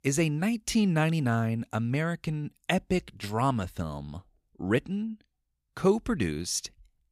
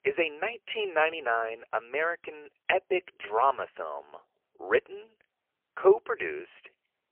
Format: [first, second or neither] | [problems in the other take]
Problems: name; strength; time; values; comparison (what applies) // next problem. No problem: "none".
first | phone-call audio; poor line; nothing above 3 kHz